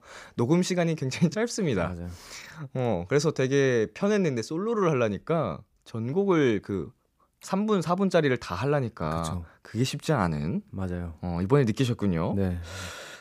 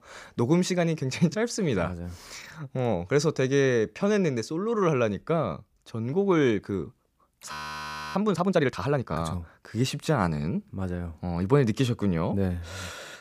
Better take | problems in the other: first | audio freezing; at 7.5 s for 0.5 s

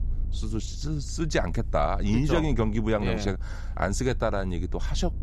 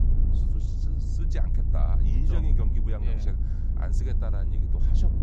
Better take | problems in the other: first | low rumble; loud; throughout; as loud as the speech; faint in the first

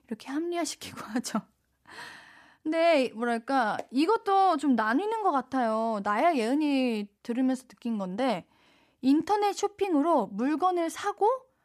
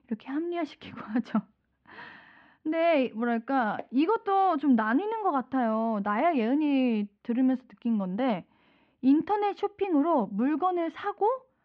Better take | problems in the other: first | muffled; very; fading above 3 kHz

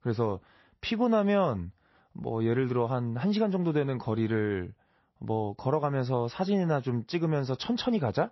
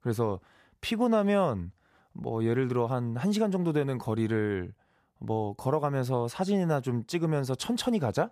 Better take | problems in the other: second | garbled, watery; slightly; nothing above 5.5 kHz

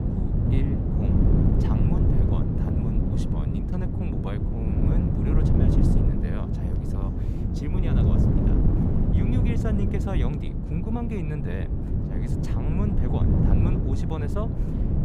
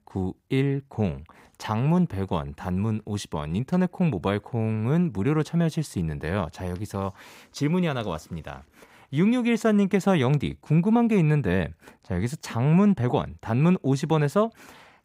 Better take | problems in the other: second | wind noise on the microphone; heavy; 4 dB above the speech

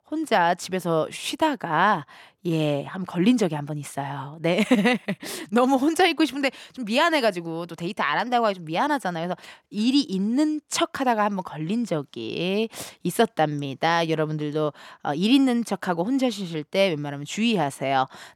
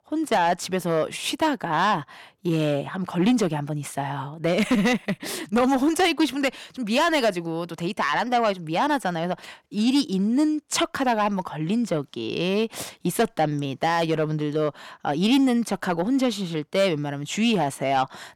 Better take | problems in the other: first | distortion; slight; 10 dB below the speech

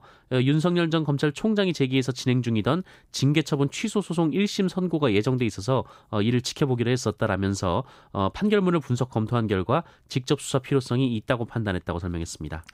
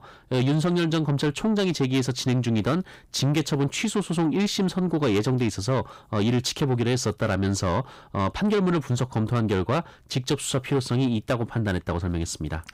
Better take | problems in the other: first | distortion; slight; 10 dB below the speech

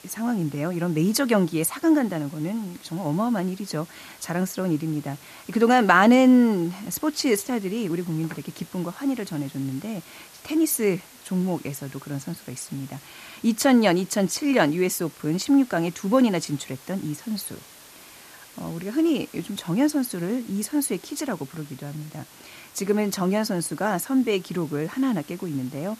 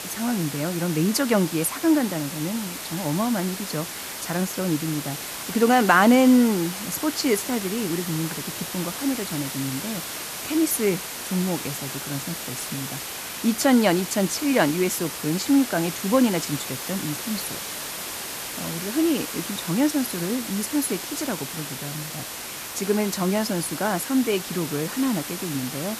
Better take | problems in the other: first | hiss; loud; throughout; 7 dB below the speech; faint in the first

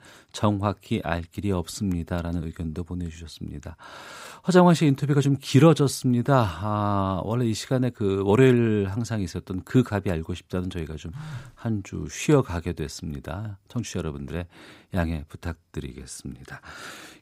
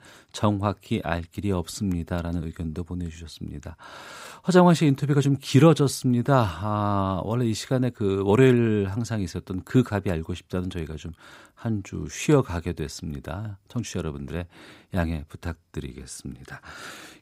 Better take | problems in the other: second | phone ringing; faint; at 11 s; peak 15 dB below the speech

